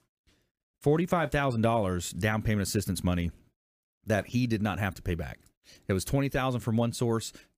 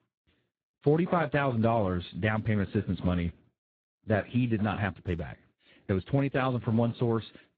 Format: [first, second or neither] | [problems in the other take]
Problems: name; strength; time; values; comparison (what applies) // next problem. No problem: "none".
first | garbled, watery; badly